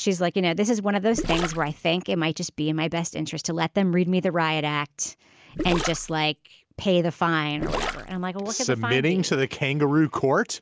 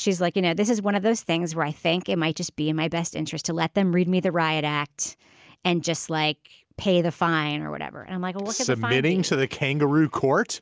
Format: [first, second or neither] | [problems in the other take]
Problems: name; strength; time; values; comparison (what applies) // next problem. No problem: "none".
second | background sound (Gurgling); 7 dB below the speech